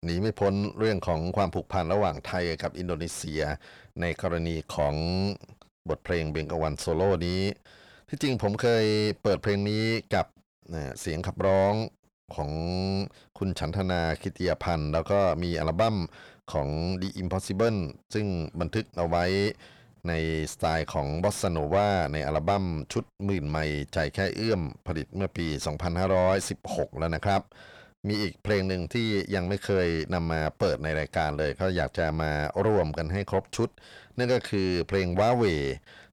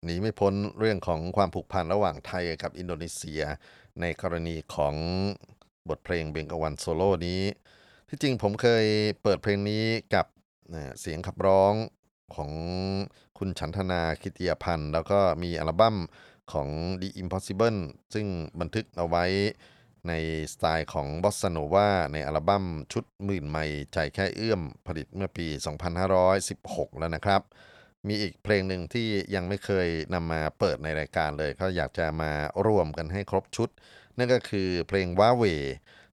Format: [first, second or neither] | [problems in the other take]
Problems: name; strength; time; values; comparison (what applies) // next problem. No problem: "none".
second | distortion; slight; 10 dB below the speech